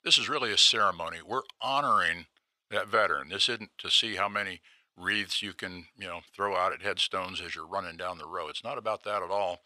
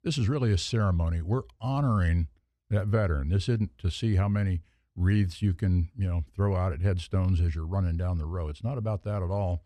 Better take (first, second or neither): second